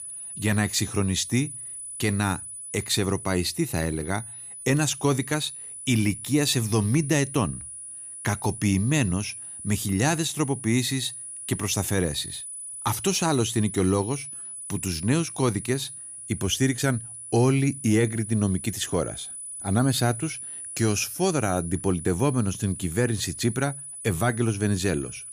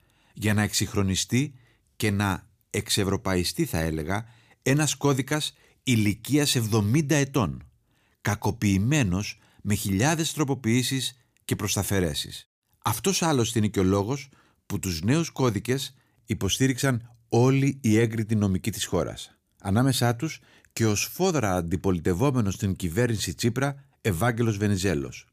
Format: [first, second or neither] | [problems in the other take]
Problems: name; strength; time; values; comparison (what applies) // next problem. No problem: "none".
second | high-pitched whine; loud; throughout; 10 kHz, 10 dB below the speech